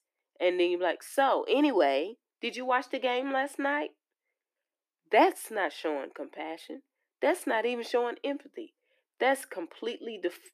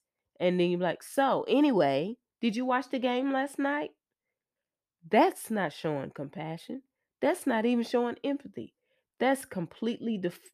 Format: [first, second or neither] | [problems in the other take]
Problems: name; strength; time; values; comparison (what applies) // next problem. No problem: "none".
second | thin; somewhat; fading below 300 Hz